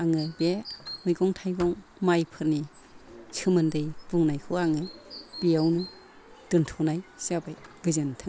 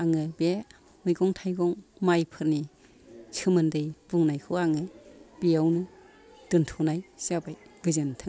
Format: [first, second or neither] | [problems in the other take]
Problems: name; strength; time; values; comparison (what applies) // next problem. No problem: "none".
second | background sound (Squeak + Chirp, tweet); 17 dB below the speech